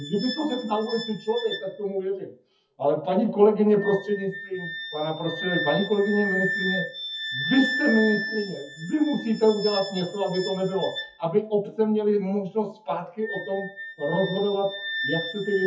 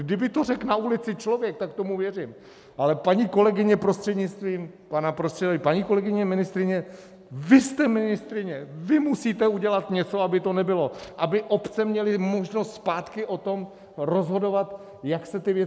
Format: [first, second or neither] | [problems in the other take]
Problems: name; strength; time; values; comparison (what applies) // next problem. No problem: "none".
second | noise reduction (classical method WPE with log-MMSE)